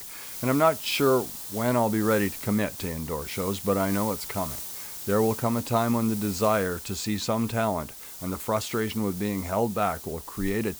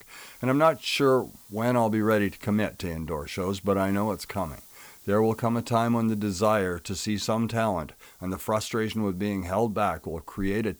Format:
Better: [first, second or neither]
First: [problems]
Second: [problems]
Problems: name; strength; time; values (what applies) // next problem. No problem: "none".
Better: second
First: hiss; loud; throughout; 9 dB below the speech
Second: hiss; faint; throughout; 25 dB below the speech